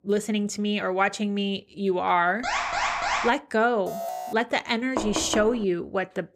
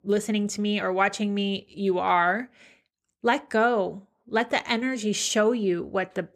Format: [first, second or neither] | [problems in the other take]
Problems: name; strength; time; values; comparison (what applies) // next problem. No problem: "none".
second | alarm; loud; at 2.5 s; peak 1 dB above the speech // alarm; noticeable; at 4 s; peak 7 dB below the speech // door banging; noticeable; at 5 s; peak 5 dB below the speech